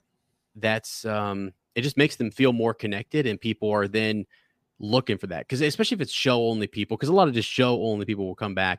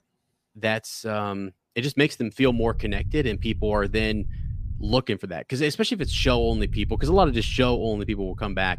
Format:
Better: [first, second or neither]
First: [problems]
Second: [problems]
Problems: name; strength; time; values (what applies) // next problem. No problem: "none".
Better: first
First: none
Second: low rumble; faint; from 2.5 to 5 s and from 6 s on; 25 dB below the speech